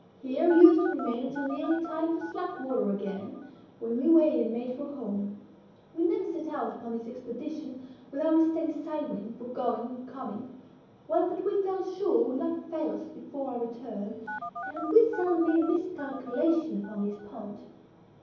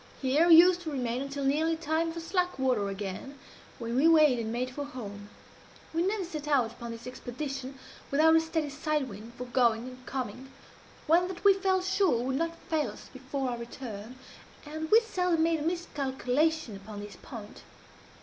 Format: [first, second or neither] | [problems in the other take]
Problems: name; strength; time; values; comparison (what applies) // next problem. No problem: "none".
second | background sound (Telephone); 12 dB below the speech // room echo; dies away in 0.9 s